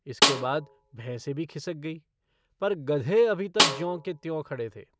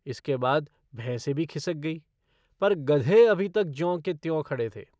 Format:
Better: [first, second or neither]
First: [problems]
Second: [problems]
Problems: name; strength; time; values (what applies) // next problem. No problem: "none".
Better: second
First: background sound (Snare drum); 2 dB above the speech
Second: none